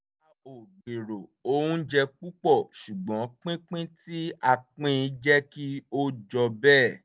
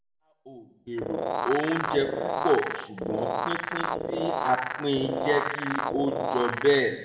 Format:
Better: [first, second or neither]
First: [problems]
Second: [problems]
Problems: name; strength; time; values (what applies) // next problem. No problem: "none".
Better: first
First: none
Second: background sound (Animal); 2 dB below the speech // room echo; dies away in 0.9 s